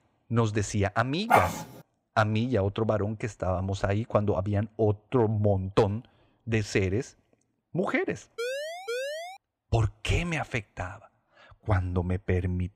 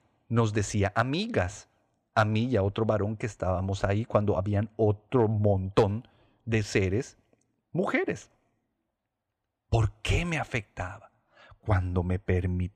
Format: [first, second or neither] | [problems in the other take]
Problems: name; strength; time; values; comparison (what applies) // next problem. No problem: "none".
second | dog barking; loud; at 1.5 s; peak 4 dB above the speech // siren; noticeable; at 8.5 s; peak 5 dB below the speech